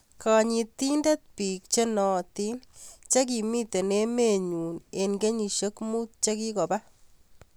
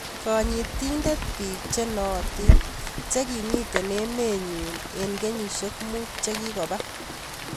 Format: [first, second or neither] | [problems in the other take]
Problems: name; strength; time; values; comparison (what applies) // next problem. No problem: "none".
first | background sound (Rain); 2 dB above the speech